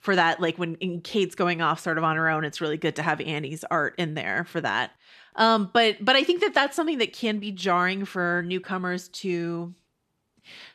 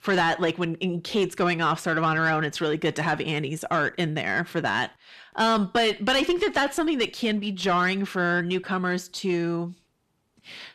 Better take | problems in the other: first | distortion; slight; 10 dB below the speech

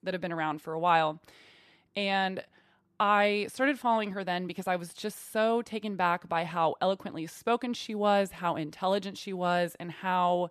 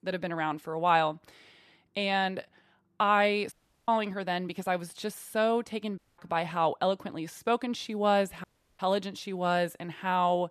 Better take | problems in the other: first | audio cutting out; at 3.5 s, at 6 s and at 8.5 s

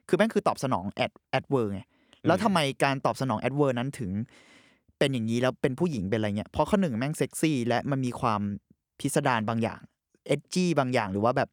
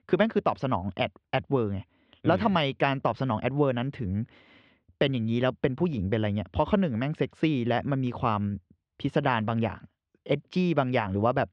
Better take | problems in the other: first | muffled; slightly; fading above 3.5 kHz

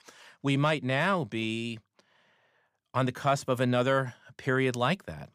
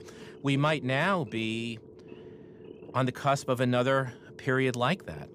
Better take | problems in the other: first | low rumble; faint; throughout; 20 dB below the speech

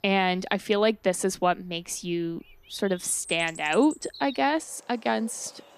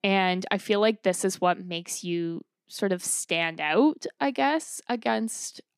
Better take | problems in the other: second | animal sounds; noticeable; throughout; 15 dB below the speech

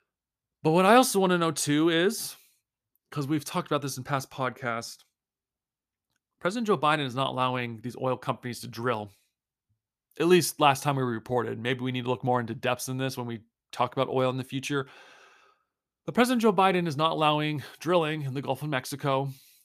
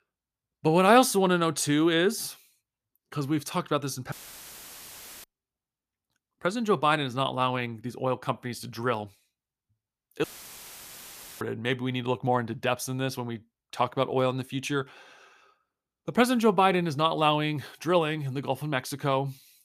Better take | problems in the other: first | audio cutting out; filled with static; at 4 s for 1 s and at 10 s for 1 s

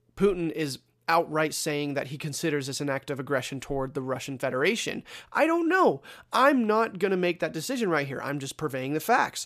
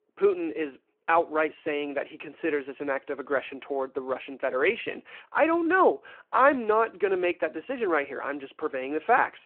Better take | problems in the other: first | phone-call audio

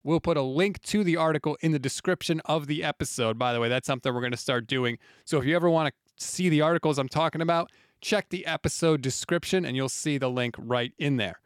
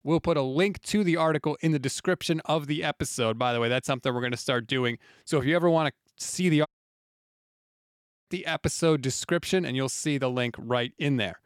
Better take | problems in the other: first | audio cutting out; at 6.5 s for 1.5 s

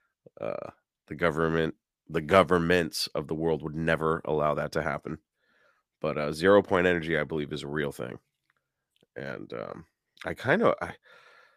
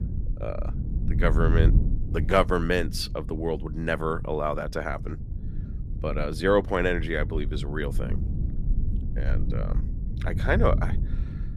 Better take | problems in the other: first | low rumble; noticeable; throughout; 15 dB below the speech

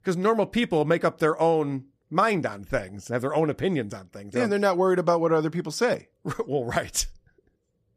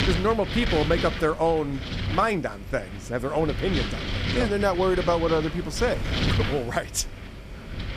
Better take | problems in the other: first | wind noise on the microphone; heavy; 6 dB below the speech

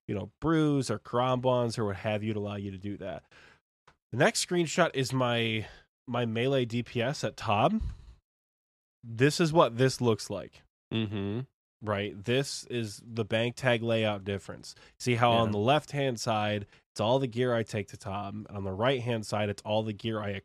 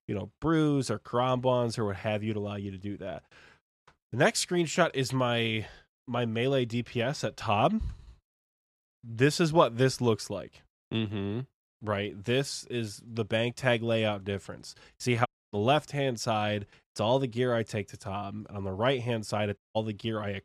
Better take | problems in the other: first | audio cutting out; at 15 s and at 20 s

